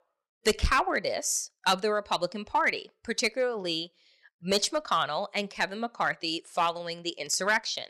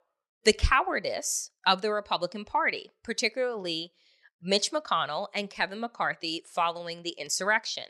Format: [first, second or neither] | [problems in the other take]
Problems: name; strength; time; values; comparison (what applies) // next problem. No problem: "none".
second | distortion; slight; 2% of the sound clipped